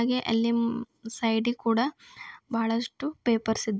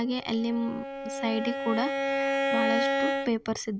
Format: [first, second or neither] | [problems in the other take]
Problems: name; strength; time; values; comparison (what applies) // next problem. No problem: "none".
first | background sound (Bowed string instrument); 1 dB above the speech